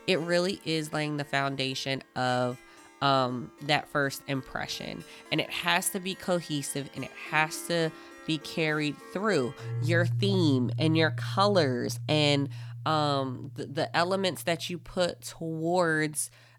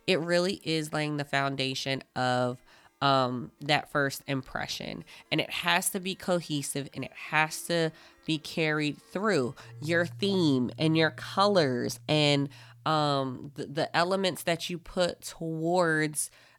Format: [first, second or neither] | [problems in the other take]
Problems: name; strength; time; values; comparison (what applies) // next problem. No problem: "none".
second | background music; loud; throughout; 9 dB below the speech; faint in the second